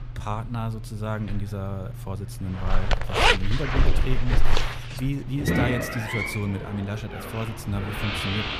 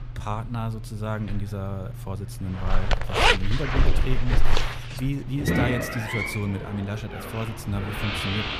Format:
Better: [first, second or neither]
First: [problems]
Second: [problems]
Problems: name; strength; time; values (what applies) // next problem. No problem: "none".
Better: neither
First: household noises; very loud; throughout; 4 dB above the speech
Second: household noises; very loud; throughout; 4 dB above the speech